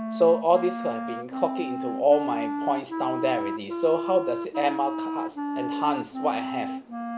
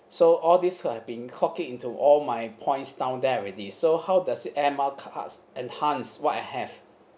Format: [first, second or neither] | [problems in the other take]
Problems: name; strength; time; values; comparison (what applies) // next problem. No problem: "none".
second | background sound (Wind instrument, woodwind instrument); 5 dB below the speech